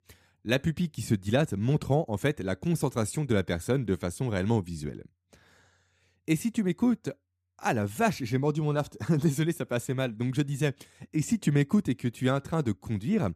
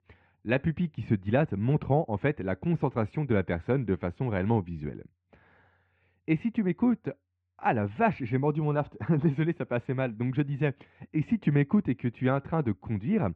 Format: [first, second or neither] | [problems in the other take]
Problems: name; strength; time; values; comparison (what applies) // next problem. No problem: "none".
first | muffled; very; fading above 2.5 kHz